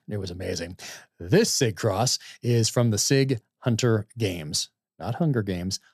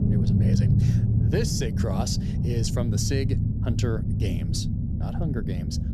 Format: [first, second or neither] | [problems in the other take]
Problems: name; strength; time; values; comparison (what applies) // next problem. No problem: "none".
first | low rumble; loud; throughout; 2 dB below the speech